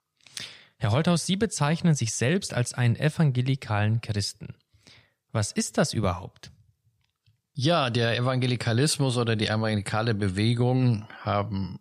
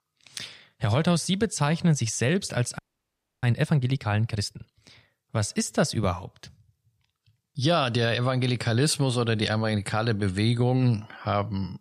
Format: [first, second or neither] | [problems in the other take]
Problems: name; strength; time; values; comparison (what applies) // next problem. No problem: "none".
first | audio freezing; at 3 s for 0.5 s